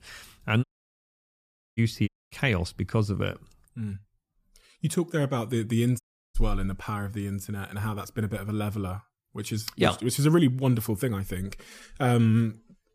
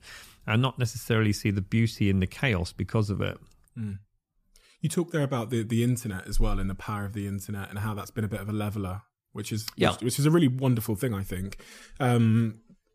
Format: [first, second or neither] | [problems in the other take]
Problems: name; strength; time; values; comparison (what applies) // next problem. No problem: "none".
second | audio cutting out; at 0.5 s for 1 s, at 2 s and at 6 s